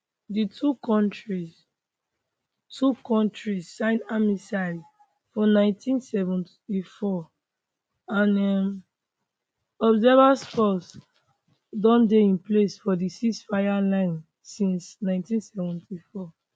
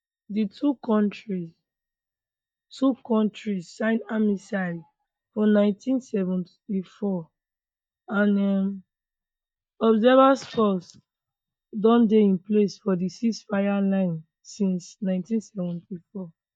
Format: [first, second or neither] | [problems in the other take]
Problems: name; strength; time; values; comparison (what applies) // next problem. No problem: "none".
first | noise reduction (neural mask model DeepFilterNet 3)